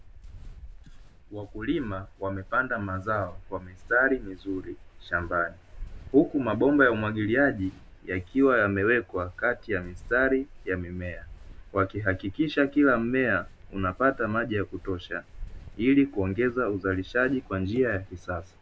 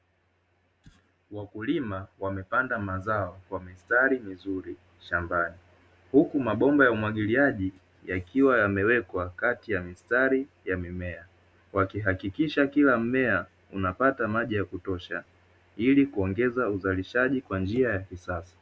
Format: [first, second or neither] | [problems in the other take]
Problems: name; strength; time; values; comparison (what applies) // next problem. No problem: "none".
second | background sound (Walk, footsteps); 18 dB below the speech